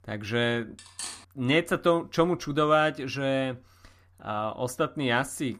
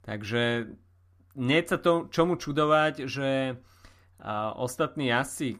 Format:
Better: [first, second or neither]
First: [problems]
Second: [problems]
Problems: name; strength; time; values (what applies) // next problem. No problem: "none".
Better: second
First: clattering dishes; noticeable; at 1 s; peak 10 dB below the speech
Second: none